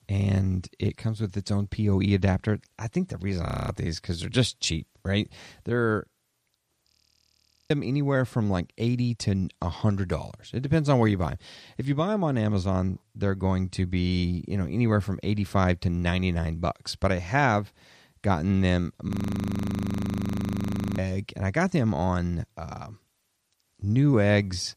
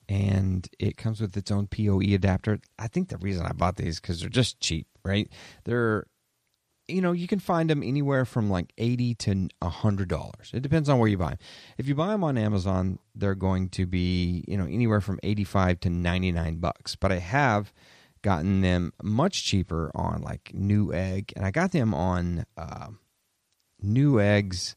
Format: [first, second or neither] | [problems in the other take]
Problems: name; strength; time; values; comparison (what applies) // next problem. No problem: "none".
second | audio freezing; at 3.5 s, at 7 s for 1 s and at 19 s for 2 s